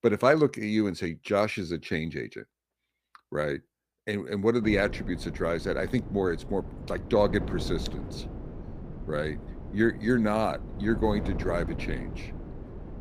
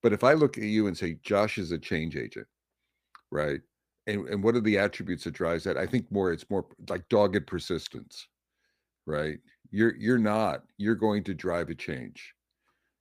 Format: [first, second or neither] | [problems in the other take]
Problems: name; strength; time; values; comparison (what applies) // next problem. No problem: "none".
second | wind noise on the microphone; occasional gusts; from 4.5 s on; 15 dB below the speech